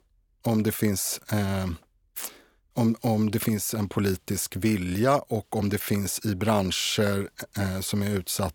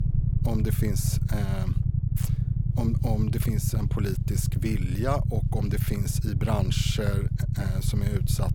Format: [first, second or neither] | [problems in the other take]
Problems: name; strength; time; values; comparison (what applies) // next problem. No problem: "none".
first | low rumble; loud; throughout; 5 dB below the speech